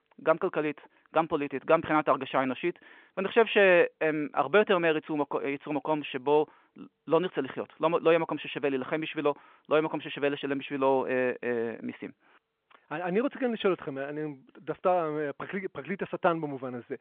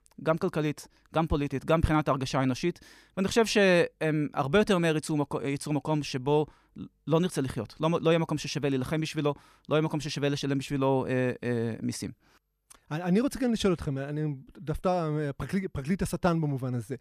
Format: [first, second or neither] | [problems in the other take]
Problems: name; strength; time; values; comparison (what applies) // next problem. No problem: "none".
second | phone-call audio; nothing above 3.5 kHz